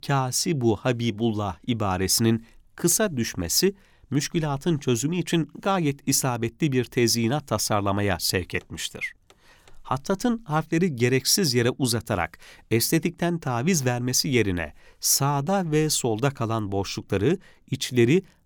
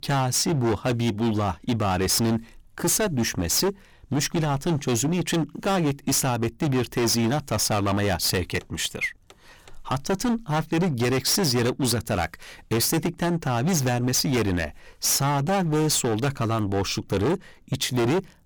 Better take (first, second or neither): first